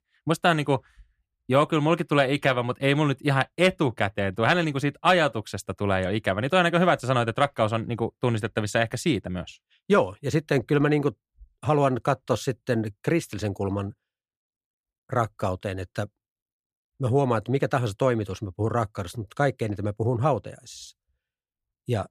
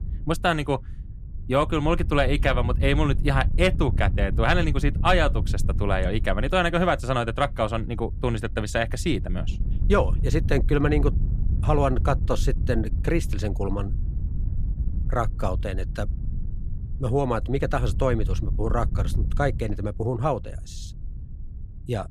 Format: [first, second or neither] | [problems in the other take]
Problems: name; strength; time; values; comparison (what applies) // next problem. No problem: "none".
first | wind noise on the microphone; occasional gusts; 20 dB below the speech